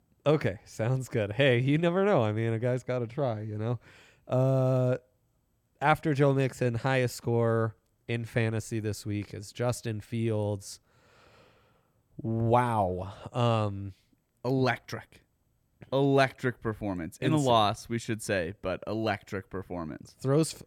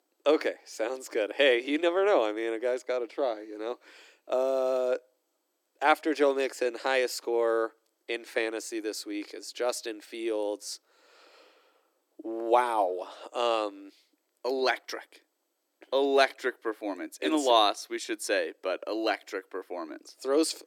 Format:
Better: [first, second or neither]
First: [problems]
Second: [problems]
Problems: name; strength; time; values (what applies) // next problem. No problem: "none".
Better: first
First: none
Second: thin; very; fading below 300 Hz